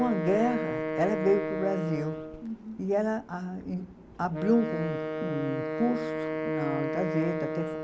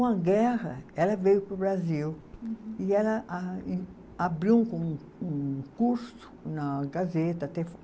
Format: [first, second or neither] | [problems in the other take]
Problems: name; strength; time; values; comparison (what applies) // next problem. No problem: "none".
second | background sound (Wind instrument, woodwind instrument); 3 dB below the speech